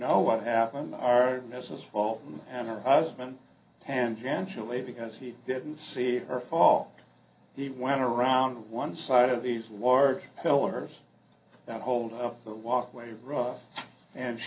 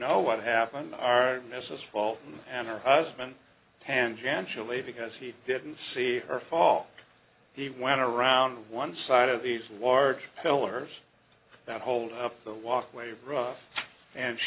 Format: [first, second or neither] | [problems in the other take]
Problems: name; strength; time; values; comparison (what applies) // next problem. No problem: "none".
second | room echo; dies away in 0.3 s